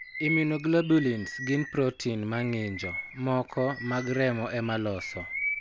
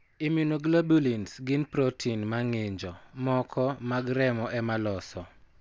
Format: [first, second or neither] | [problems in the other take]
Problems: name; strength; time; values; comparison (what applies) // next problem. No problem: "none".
second | background sound (Bird vocalization, bird call, bird song); 9 dB below the speech